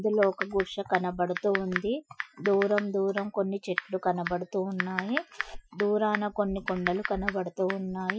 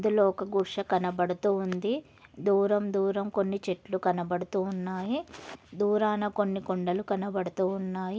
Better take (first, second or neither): second